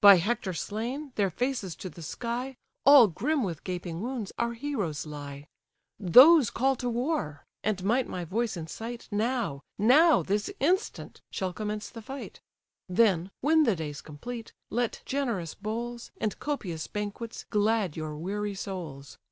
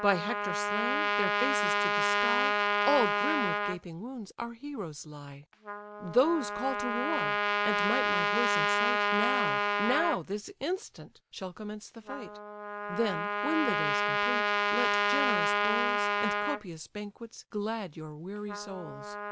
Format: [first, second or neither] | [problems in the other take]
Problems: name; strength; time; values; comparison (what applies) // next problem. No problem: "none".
first | background sound (Trumpet); 4 dB above the speech